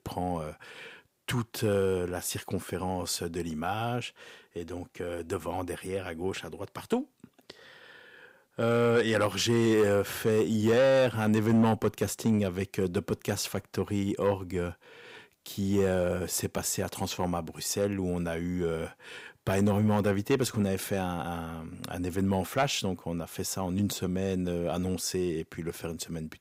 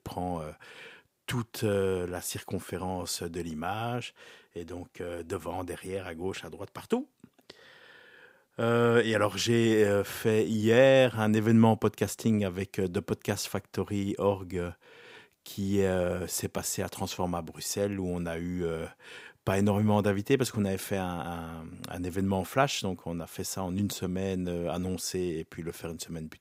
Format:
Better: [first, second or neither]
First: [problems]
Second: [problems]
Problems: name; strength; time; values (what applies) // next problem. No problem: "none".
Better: second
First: distortion; slight; 10 dB below the speech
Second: none